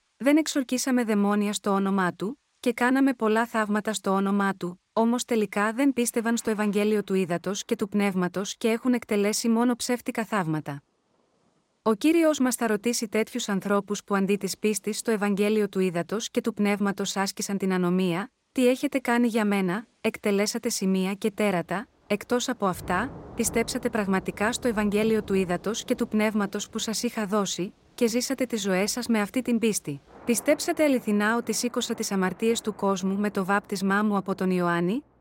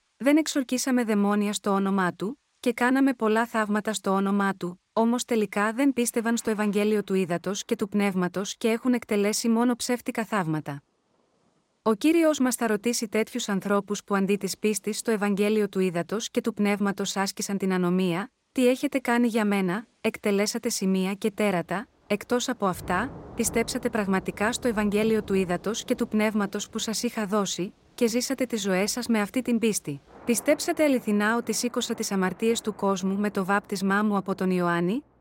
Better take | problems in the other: neither | rain or running water; faint; throughout; 20 dB below the speech; the same in both

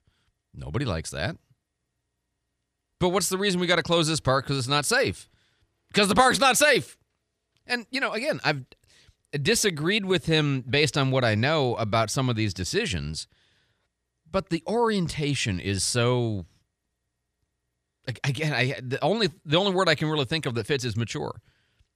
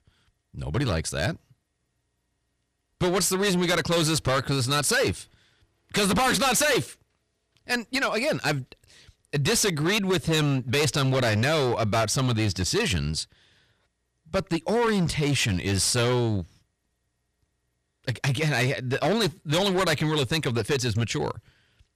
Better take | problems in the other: first | distortion; heavy; 14% of the sound clipped

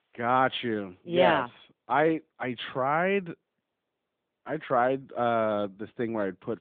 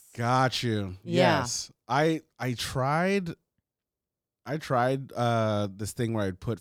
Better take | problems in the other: second | phone-call audio; nothing above 3.5 kHz

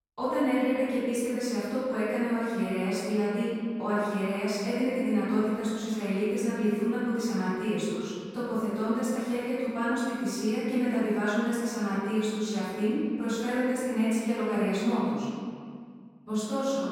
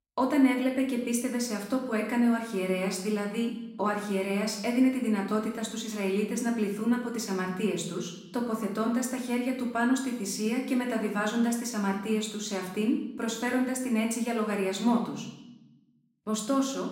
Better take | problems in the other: second | room echo; strong; dies away in 2 s; slight in the second // off-mic speech; far; far in the second

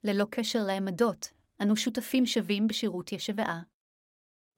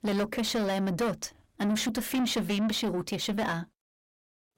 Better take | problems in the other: first | distortion; heavy; 7 dB below the speech

